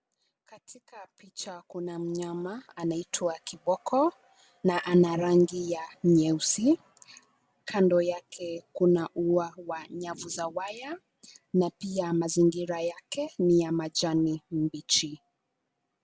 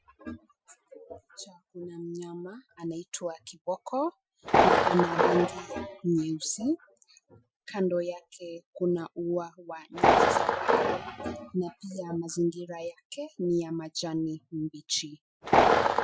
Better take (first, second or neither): first